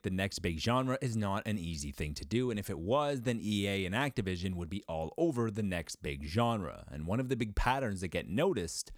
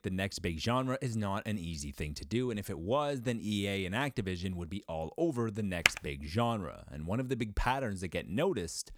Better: first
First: none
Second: keyboard typing; very faint; at 6 s; peak 6 dB above the speech

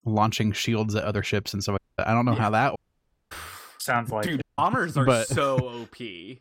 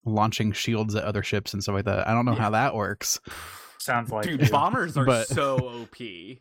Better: second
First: audio cutting out; at 2 s, at 3 s for 0.5 s and at 4.5 s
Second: none

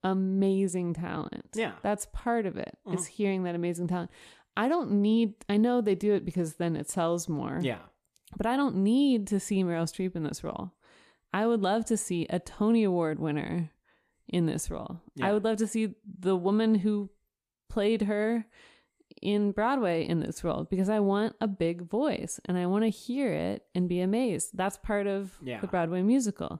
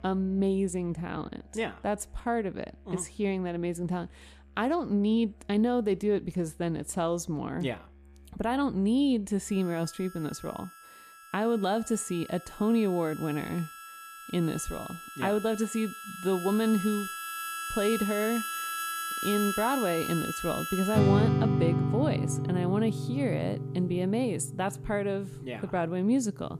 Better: first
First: none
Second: background music; loud; throughout; 3 dB below the speech

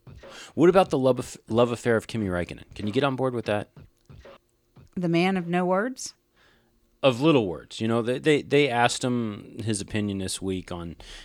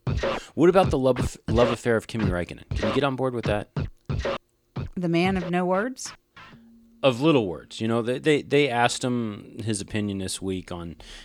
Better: first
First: background music; faint; throughout; 25 dB below the speech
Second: background music; loud; throughout; 7 dB below the speech

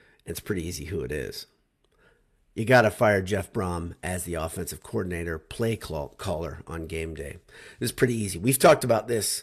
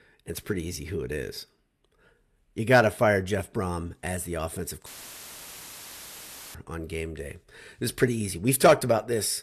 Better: first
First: none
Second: audio cutting out; filled with static; at 5 s for 1.5 s

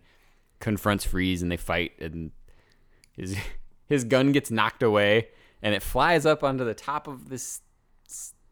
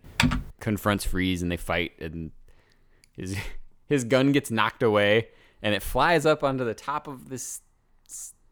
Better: first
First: none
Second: keyboard typing; loud; at the start; peak 1 dB above the speech

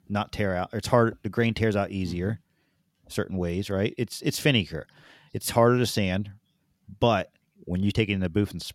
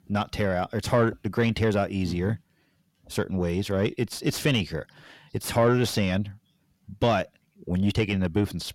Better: first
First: none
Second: distortion; slight; 10 dB below the speech

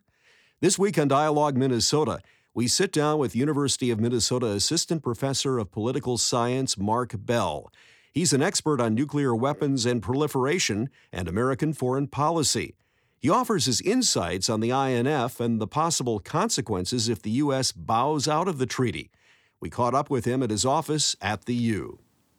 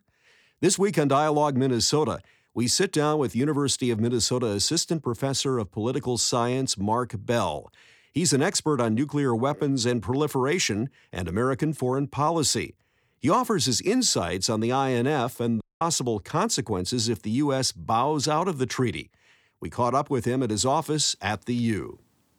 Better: first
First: none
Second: audio cutting out; at 16 s

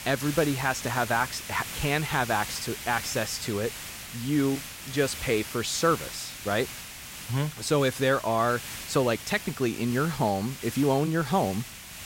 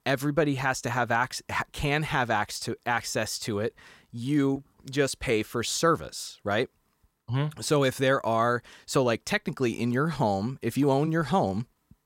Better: second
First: hiss; loud; throughout; 9 dB below the speech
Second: none

